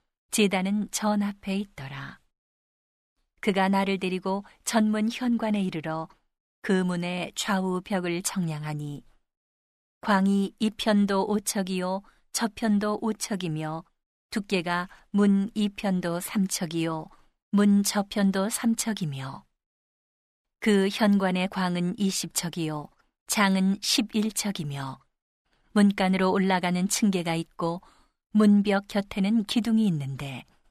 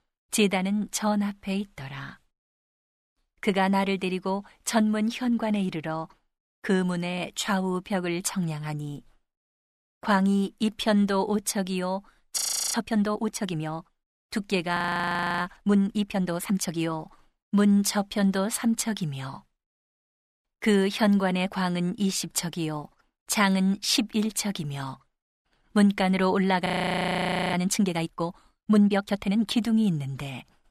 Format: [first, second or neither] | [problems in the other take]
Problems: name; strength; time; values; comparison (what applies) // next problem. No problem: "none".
first | audio freezing; at 12 s, at 15 s for 0.5 s and at 27 s for 1 s